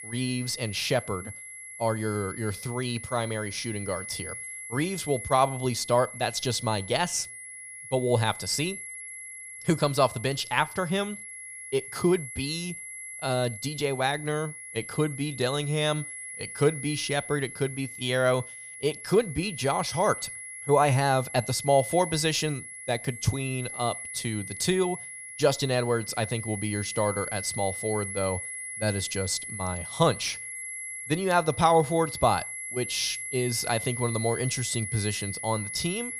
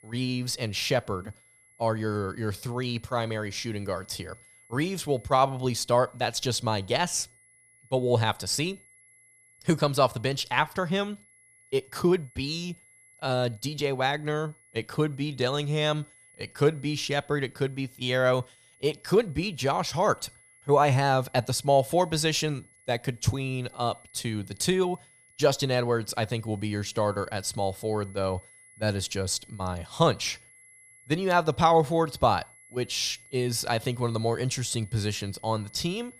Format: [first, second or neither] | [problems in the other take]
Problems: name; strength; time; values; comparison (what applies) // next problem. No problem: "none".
second | high-pitched whine; loud; throughout; 2 kHz, 8 dB below the speech; faint in the second